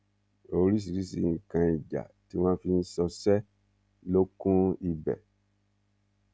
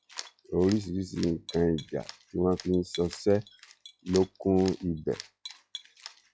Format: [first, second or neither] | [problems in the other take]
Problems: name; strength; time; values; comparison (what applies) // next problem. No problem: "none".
first | noise reduction (classical method log-MMSE)